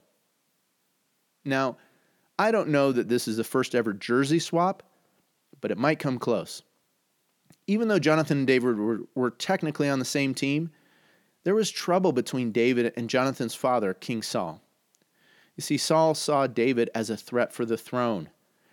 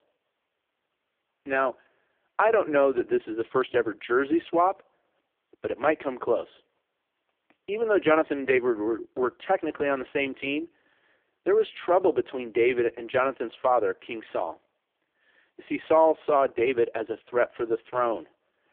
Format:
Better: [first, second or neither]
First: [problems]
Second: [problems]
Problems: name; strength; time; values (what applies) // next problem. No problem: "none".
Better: first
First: none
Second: phone-call audio; poor line